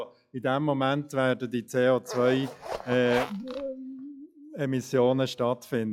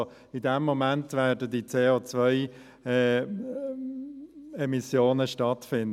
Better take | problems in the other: second | noise reduction (classical method log-MMSE)

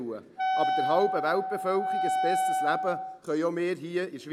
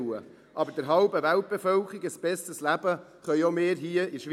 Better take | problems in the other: second | background sound (Wind instrument, woodwind instrument); 1 dB above the speech

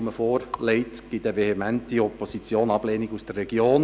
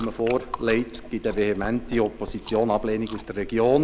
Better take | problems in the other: first | background sound (Chewing, mastication); 15 dB below the speech

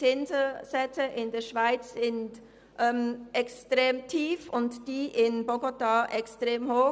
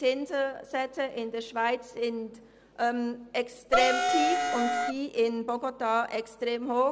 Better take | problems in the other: first | background sound (Wind instrument, woodwind instrument); 4 dB above the speech

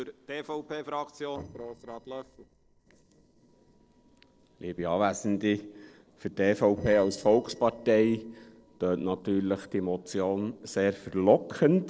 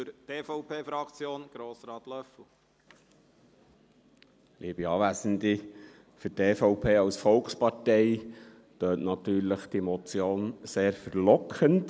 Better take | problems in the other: second | noise reduction (neural separator model SepFormer DNS4)

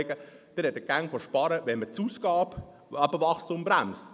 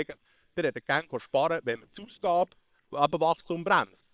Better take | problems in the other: first | noise reduction (neural separator model SepFormer WHAM!)

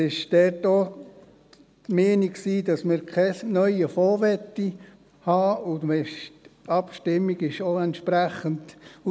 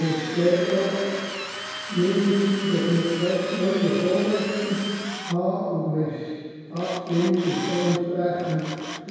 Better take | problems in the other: first | background sound (Drill); 11 dB below the speech // room echo; dies away in 2 s

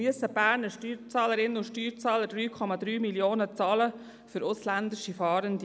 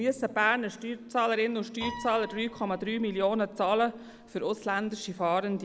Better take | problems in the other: first | background sound (Piano); 19 dB below the speech

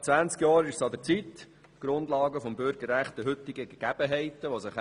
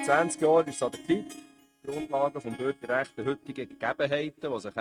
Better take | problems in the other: first | noise reduction (neural mask model RNNoise)

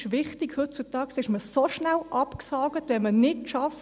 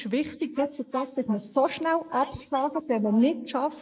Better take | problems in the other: first | noise reduction (neural mask model Resemble Enhance denoiser)

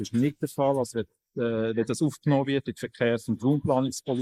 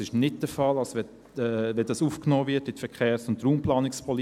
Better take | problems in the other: second | noise reduction (neural mask model Resemble Enhance denoiser)

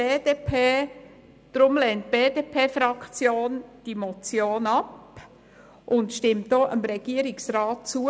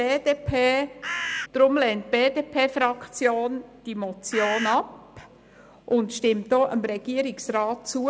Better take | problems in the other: first | background sound (Bird); 4 dB below the speech

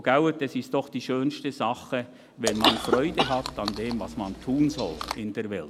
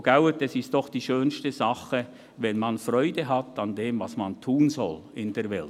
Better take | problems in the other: second | background sound (Chewing, mastication / Cough); 2 dB below the speech

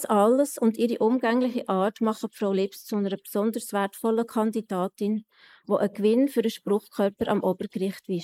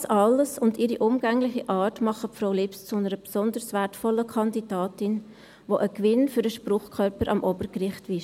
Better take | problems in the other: second | noise reduction (neural mask model Resemble Enhance denoiser)

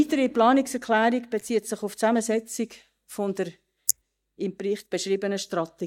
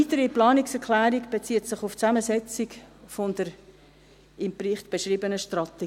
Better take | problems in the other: second | noise reduction (neural mask model DeepFilterNet 3)

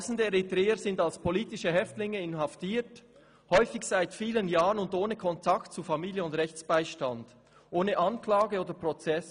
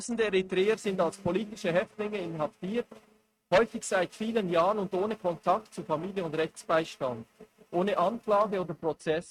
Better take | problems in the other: first | noise reduction (neural mask model RNNoise)

